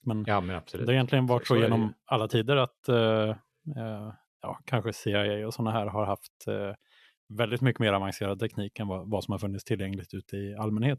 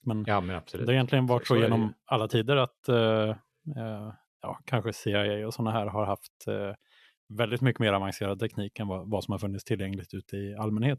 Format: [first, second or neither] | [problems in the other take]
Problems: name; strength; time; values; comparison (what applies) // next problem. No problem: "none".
neither | none